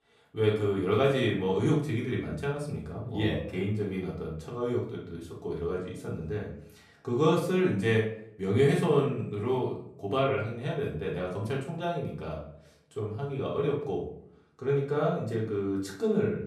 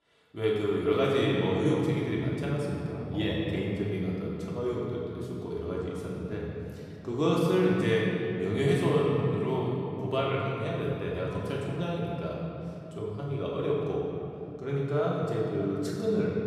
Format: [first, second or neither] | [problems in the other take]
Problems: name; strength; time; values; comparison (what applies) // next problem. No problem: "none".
first | room echo; strong; dies away in 2.8 s; slight in the first // off-mic speech; far; far in the first